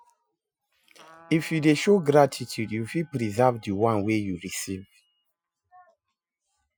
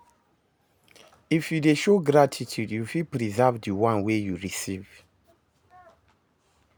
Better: second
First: noise reduction (classical method Wiener filter)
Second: none

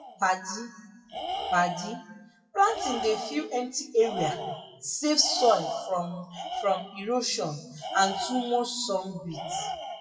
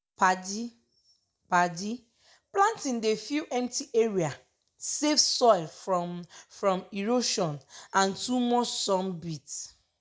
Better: second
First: noise reduction (classical method WPE with log-MMSE)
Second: none

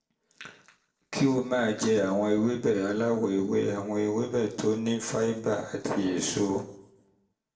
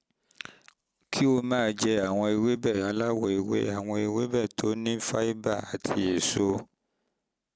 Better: second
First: room echo; dies away in 0.6 s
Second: none

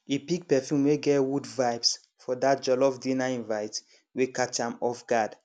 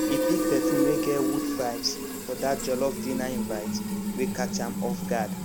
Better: first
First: none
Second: background sound (Fill (with liquid)); 2 dB above the speech

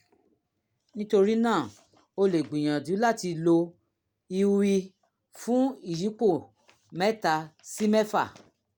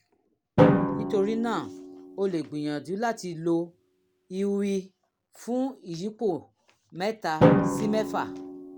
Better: first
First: none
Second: background sound (Drum); 2 dB above the speech

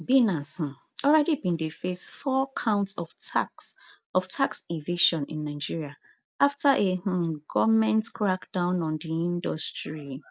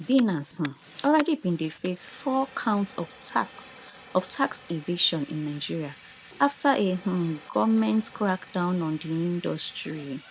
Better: first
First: none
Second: background sound (Fire); 20 dB below the speech

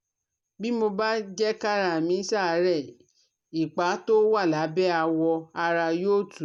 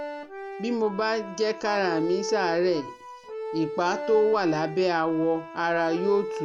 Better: first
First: none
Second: background sound (Accordion); 9 dB below the speech

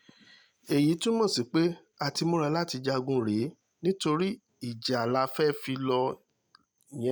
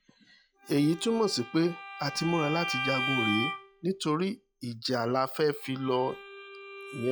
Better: first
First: none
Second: noise reduction (classical method log-MMSE)

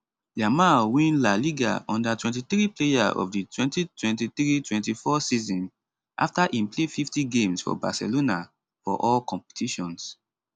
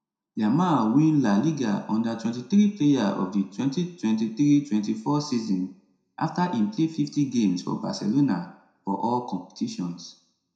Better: first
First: none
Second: room echo; dies away in 0.6 s

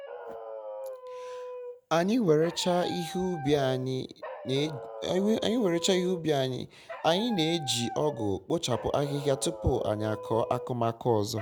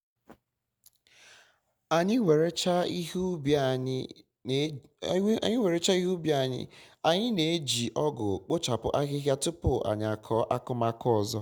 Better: second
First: background sound (Dog); 12 dB below the speech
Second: none

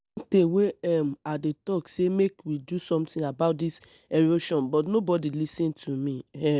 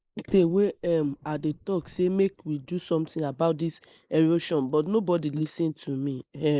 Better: first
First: none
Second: noise reduction (neural mask model Resemble Enhance denoiser)

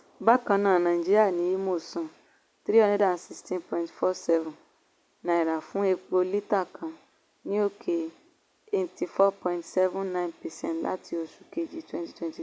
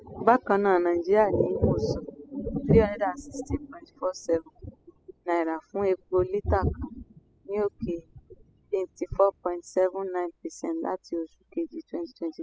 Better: first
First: none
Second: noise reduction (classical method spectral subtraction)

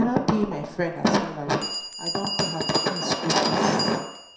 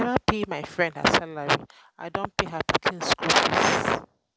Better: second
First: background sound (Bell); 9 dB below the speech // room echo; dies away in 0.5 s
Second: none

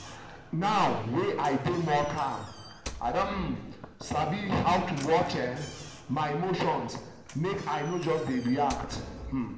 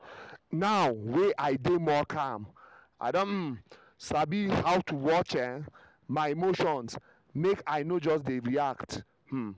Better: second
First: background sound (Knock / Slam); 15 dB below the speech // room echo; dies away in 0.9 s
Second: none

